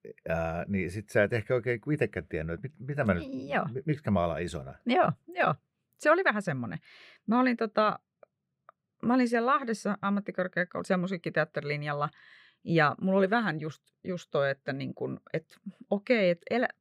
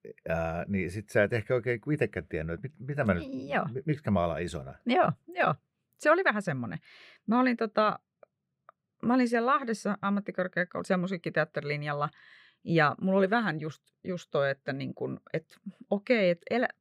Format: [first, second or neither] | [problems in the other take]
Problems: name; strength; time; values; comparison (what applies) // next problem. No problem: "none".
neither | muffled; slightly; fading above 4 kHz; the same in both